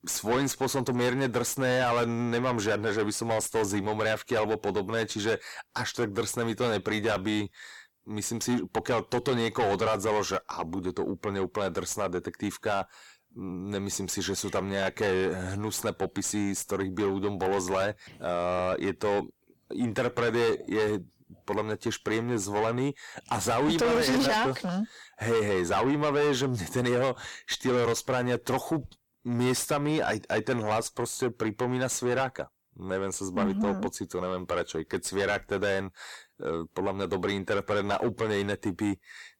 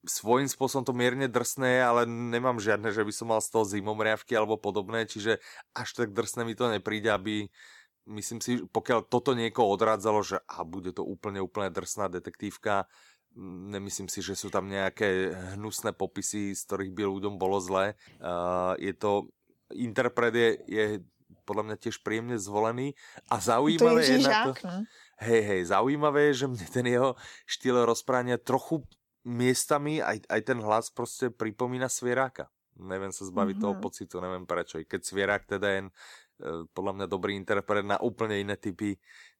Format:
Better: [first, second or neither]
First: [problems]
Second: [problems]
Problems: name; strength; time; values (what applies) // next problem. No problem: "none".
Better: second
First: distortion; heavy; 6 dB below the speech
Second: none